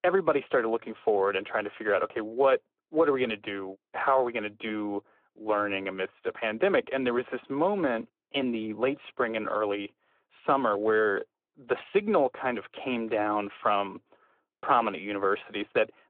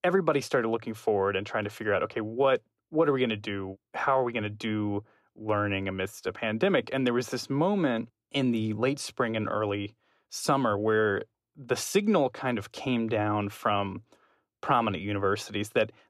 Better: second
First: phone-call audio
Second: none

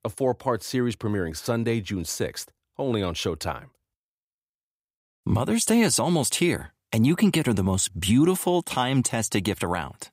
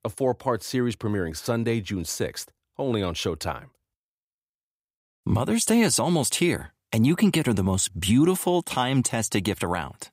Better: neither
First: none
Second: none

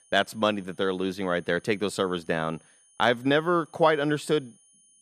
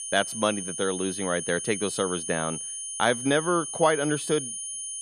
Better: first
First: high-pitched whine; faint; throughout; 9.5 kHz, 30 dB below the speech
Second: high-pitched whine; loud; throughout; 9.5 kHz, 5 dB below the speech

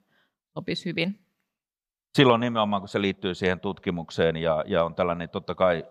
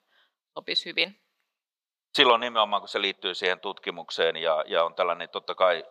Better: first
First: none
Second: thin; very; fading below 500 Hz

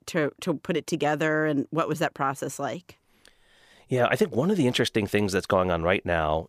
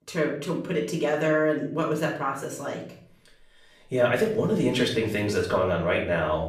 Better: first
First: none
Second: room echo; slight; dies away in 0.5 s // off-mic speech; far

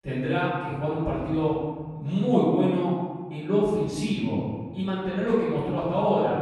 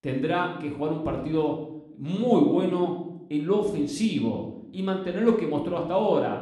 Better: second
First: room echo; strong; dies away in 1.6 s // off-mic speech; far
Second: room echo; slight; dies away in 0.7 s // off-mic speech; somewhat distant

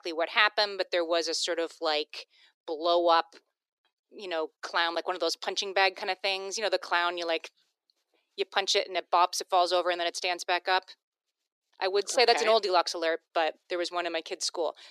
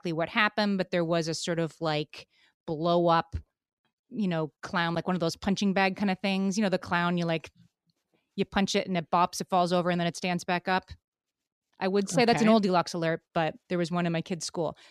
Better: second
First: thin; very; fading below 350 Hz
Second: none

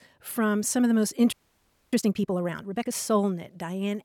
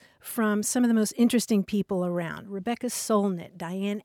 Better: second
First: audio freezing; at 1.5 s for 0.5 s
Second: none

